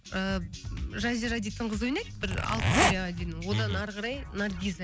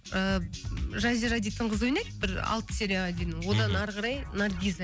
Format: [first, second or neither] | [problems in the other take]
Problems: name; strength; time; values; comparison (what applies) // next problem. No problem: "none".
second | background sound (Zipper (clothing)); 4 dB above the speech